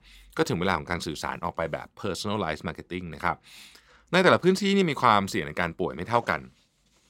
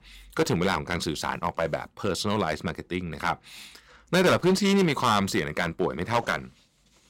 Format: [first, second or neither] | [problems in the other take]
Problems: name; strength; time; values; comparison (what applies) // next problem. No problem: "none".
first | distortion; heavy; 4% of the sound clipped